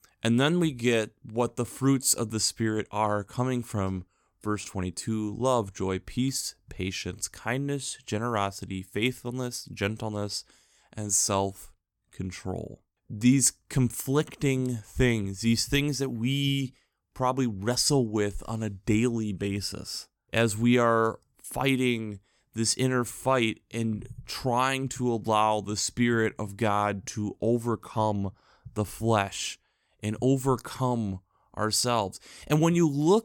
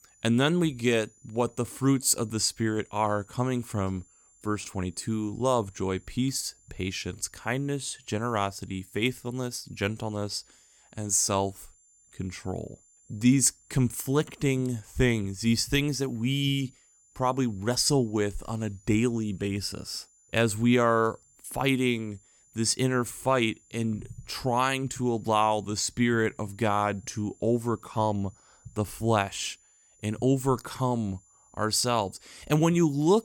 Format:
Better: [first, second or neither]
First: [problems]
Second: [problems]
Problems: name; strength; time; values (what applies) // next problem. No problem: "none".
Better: first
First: none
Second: high-pitched whine; faint; throughout; 7 kHz, 30 dB below the speech